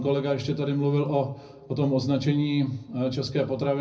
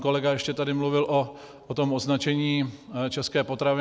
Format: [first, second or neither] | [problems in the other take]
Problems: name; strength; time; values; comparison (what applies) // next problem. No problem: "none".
second | room echo; dies away in 0.4 s